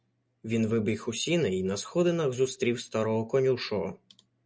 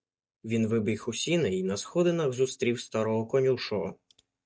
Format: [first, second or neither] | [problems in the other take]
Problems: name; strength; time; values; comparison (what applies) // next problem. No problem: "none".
first | noise reduction (neural mask model DeepFilterNet 3)